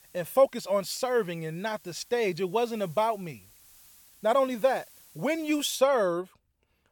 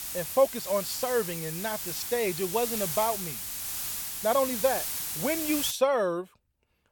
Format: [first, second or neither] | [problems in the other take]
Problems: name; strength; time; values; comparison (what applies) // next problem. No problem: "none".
first | hiss; loud; until 5.5 s; 3 dB below the speech; faint in the first